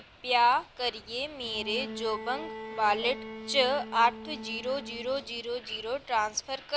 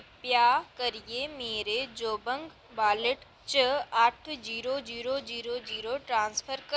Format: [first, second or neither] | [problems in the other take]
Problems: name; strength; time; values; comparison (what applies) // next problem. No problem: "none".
second | background sound (Bowed string instrument); 13 dB below the speech